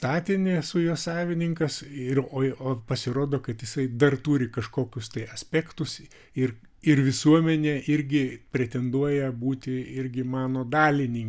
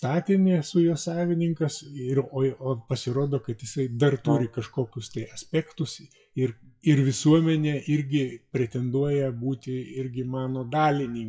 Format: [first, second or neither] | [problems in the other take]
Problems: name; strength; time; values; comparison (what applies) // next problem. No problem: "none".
first | noise reduction (classical method WPE with log-MMSE)